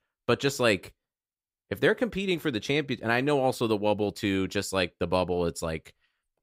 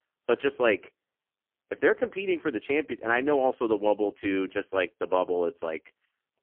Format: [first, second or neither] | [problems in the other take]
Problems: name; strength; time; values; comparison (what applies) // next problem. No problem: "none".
first | phone-call audio; poor line; nothing above 3 kHz